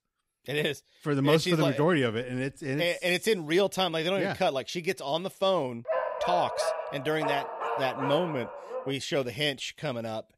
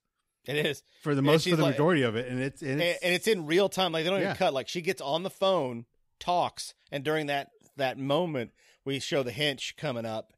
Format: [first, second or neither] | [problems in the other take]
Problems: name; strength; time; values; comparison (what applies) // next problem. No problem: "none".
second | dog barking; noticeable; from 6 to 9 s; peak 1 dB below the speech